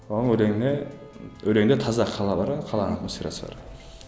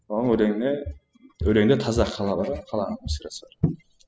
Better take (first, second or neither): first